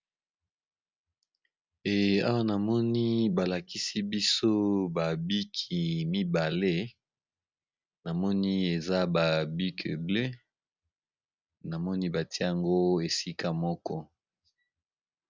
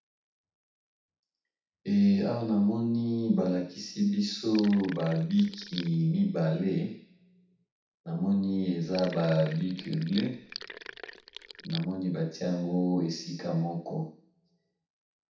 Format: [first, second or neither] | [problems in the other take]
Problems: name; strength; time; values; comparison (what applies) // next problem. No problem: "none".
first | background sound (Sink (filling or washing)); 15 dB below the speech // room echo; dies away in 0.7 s